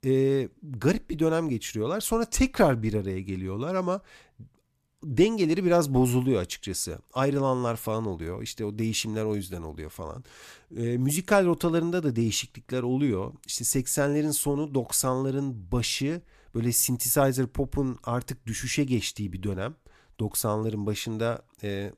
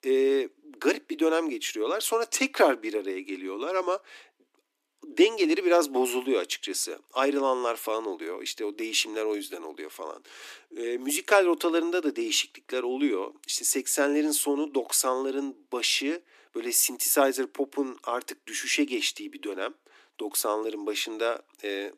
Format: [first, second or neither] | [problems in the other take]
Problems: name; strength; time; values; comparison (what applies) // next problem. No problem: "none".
first | thin; somewhat; fading below 300 Hz